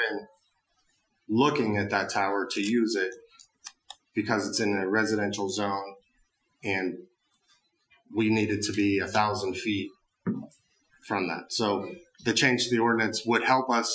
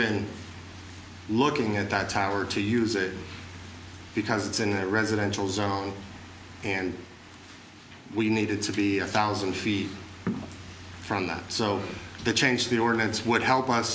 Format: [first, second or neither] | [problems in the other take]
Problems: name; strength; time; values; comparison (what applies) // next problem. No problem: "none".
second | noise reduction (classical method Wiener filter)